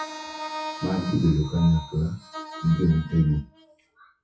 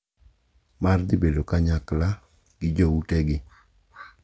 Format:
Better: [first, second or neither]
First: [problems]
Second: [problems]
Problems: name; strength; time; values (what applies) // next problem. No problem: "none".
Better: second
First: noise reduction (classical method WPE with log-MMSE)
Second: none